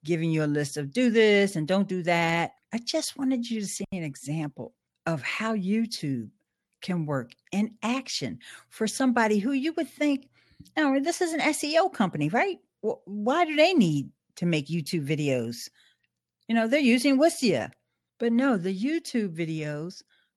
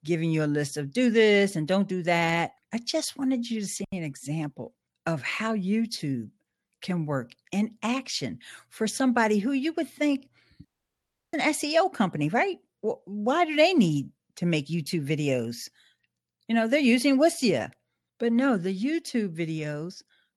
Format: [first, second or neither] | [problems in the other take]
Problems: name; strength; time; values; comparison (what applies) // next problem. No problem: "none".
first | audio cutting out; at 11 s for 0.5 s